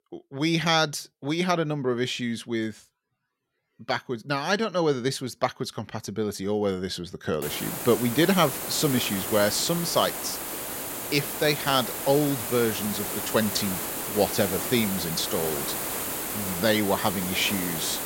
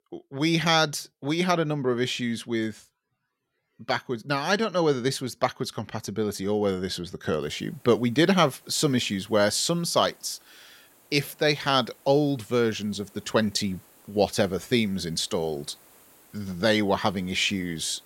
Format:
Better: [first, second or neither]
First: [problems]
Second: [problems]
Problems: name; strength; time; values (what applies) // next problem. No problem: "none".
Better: second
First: hiss; loud; from 7.5 s on; 4 dB below the speech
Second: hiss; faint; from 7.5 s on; 30 dB below the speech